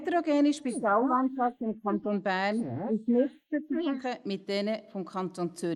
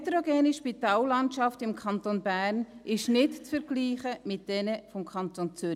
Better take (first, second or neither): second